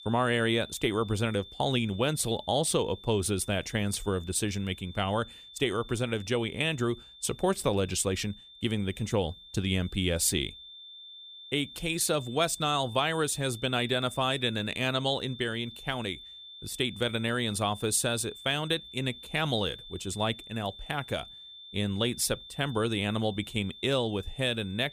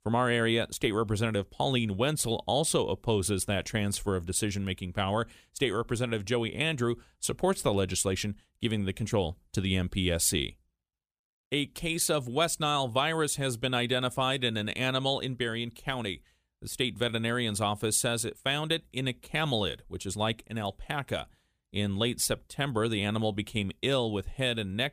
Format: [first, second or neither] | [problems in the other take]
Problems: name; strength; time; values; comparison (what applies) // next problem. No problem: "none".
second | high-pitched whine; noticeable; throughout; 3.5 kHz, 15 dB below the speech